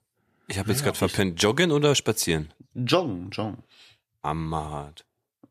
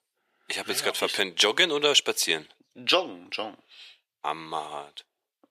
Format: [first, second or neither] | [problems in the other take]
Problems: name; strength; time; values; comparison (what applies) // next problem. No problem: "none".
first | thin; somewhat; fading below 500 Hz